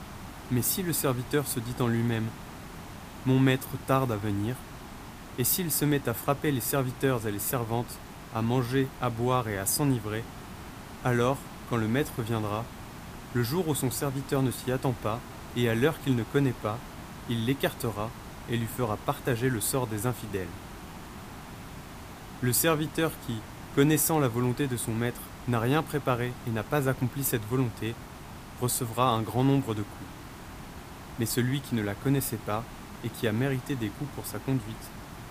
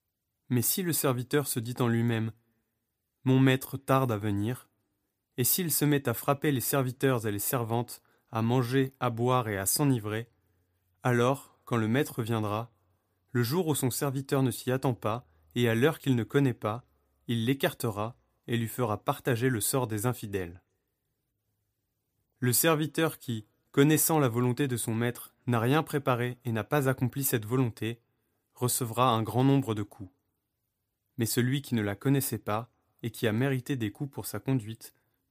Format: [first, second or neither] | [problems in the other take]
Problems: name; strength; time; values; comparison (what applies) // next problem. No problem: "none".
second | hiss; noticeable; throughout; 15 dB below the speech